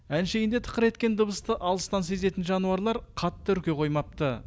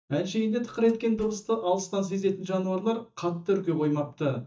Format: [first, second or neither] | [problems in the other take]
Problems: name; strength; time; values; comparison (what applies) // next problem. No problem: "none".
first | noise reduction (neural mask model DeepFilterNet 3)